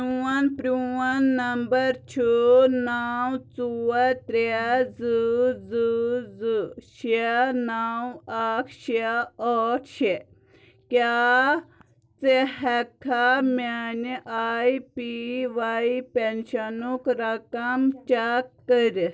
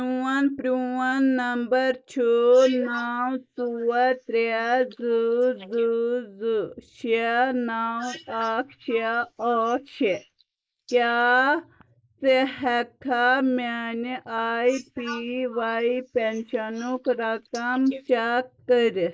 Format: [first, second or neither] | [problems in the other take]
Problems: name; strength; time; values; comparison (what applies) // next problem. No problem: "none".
first | noise reduction (neural mask model Resemble Enhance denoiser)